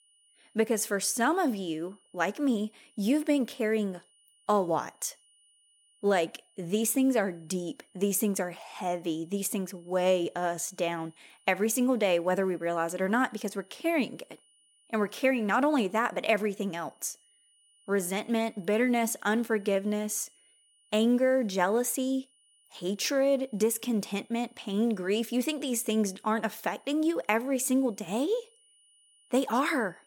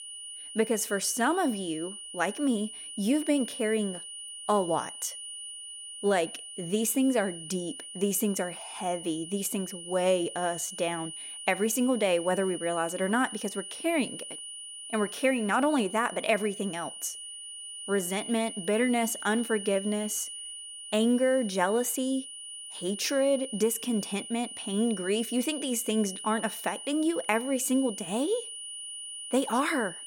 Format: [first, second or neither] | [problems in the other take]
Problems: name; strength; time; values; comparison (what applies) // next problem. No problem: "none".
first | high-pitched whine; loud; throughout; 3 kHz, 10 dB below the speech; faint in the first